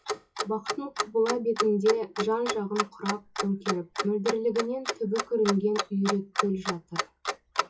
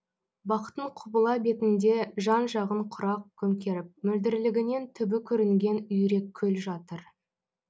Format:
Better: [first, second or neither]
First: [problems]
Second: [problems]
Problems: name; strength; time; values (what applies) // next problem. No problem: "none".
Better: second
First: noise reduction (classical method WPE with log-MMSE)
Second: none